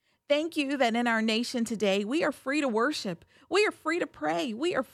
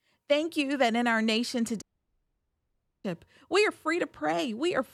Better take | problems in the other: first | audio cutting out; at 2 s for 1 s

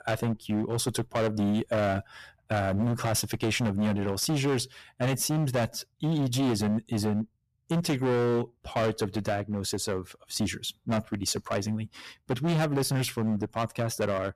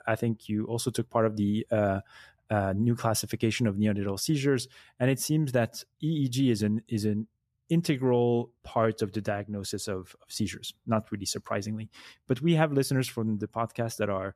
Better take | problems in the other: second | distortion; heavy; 17% of the sound clipped

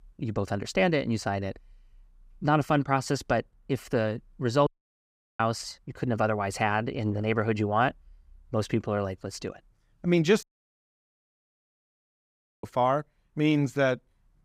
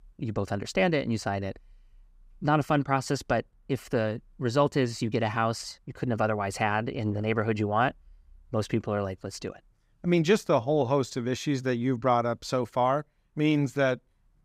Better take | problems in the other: second | audio cutting out; at 4.5 s for 0.5 s and at 10 s for 2 s

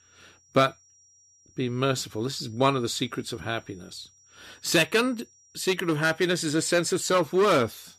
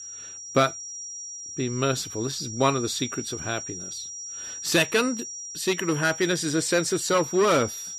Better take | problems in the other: first | high-pitched whine; loud; throughout; 5.5 kHz, 9 dB below the speech; faint in the first

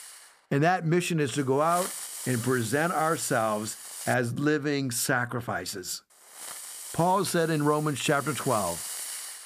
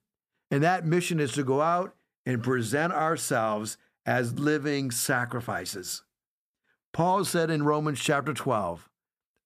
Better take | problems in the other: second | hiss; loud; until 4 s and from 6 s on; 10 dB below the speech

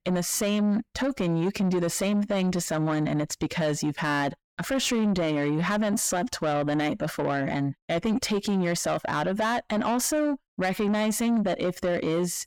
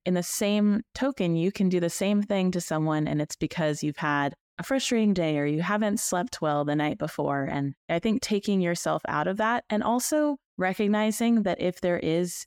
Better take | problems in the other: second | distortion; slight; 10 dB below the speech

